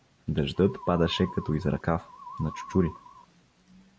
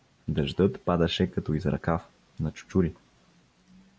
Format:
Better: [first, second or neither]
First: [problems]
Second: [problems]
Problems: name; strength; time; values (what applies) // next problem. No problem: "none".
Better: second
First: background sound (Musical instrument); 14 dB below the speech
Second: none